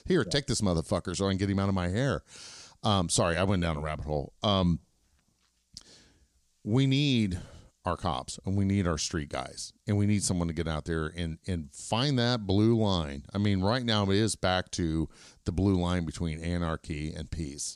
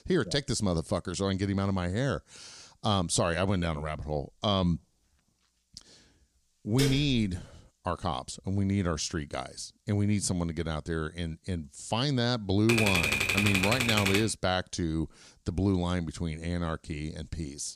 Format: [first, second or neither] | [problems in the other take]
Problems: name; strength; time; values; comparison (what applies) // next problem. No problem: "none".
first | clattering dishes; noticeable; at 7 s; peak 3 dB below the speech // keyboard typing; loud; from 13 to 14 s; peak 5 dB above the speech